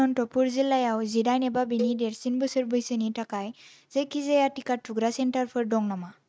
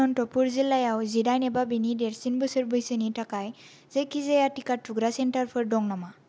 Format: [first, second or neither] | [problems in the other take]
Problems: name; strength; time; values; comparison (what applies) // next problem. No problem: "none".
second | noise reduction (neural mask model RNNoise)